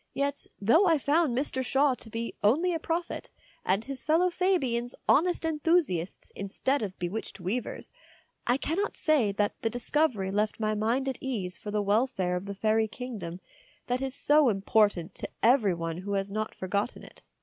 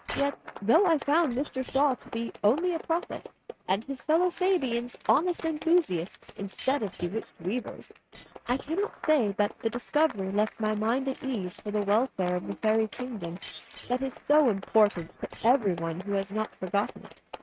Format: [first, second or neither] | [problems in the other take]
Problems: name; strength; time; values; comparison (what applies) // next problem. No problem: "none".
first | noise reduction (neural mask model RNNoise)